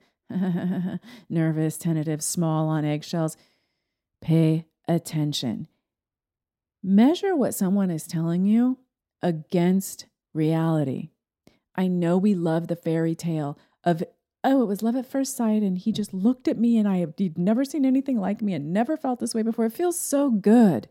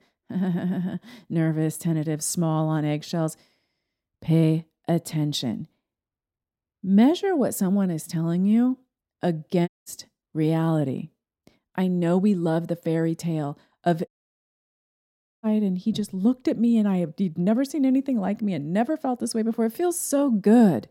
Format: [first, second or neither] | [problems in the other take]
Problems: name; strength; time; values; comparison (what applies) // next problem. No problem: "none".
first | audio cutting out; at 9.5 s and at 14 s for 1.5 s